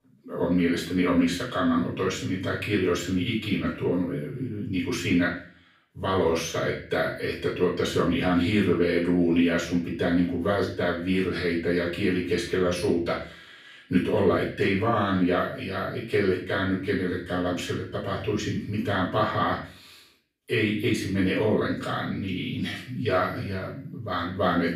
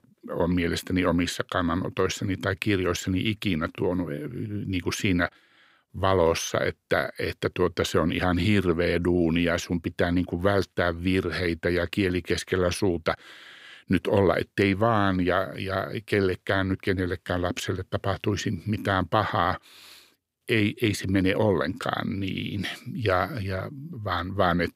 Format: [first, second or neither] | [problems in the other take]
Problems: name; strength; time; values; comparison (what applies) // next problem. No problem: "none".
second | off-mic speech; far // room echo; noticeable; dies away in 0.4 s